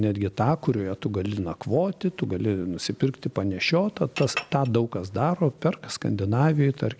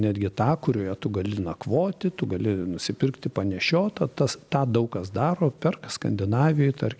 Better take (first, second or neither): second